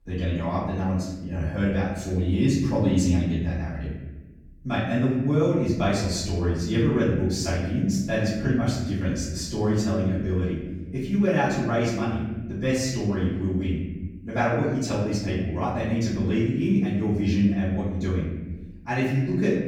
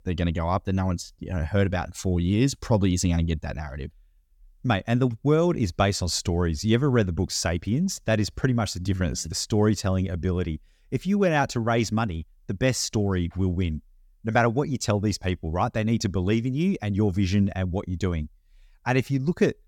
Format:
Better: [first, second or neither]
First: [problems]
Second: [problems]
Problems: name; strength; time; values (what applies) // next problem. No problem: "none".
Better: second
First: off-mic speech; far // room echo; noticeable; dies away in 1.2 s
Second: none